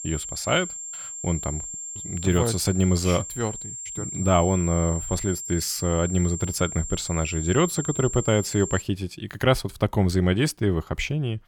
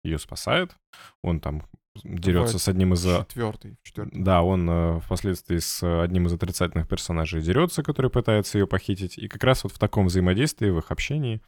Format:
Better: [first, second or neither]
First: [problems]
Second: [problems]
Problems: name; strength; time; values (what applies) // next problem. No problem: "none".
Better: second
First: high-pitched whine; loud; until 9 s; 7.5 kHz, 8 dB below the speech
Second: none